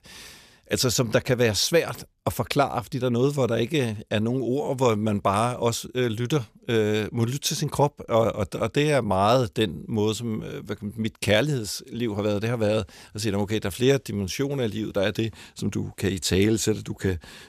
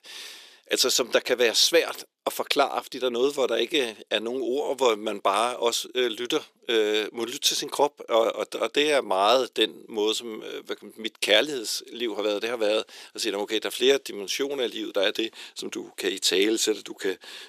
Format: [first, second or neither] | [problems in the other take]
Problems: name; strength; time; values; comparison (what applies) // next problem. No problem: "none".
first | thin; somewhat; fading below 350 Hz